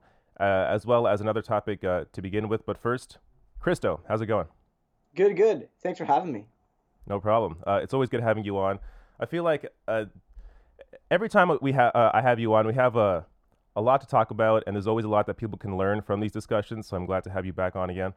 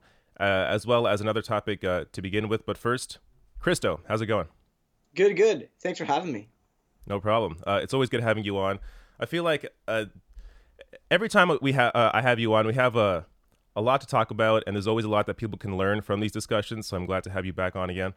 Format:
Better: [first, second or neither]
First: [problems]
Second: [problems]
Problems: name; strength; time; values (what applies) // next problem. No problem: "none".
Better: second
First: muffled; slightly; fading above 2 kHz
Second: none